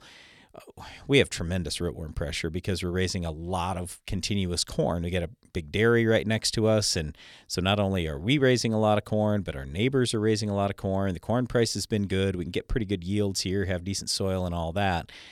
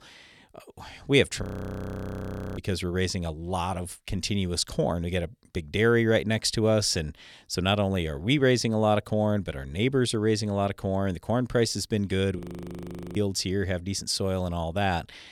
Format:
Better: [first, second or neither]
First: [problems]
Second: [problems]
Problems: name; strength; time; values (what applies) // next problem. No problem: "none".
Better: first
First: none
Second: audio freezing; at 1.5 s for 1 s and at 12 s for 1 s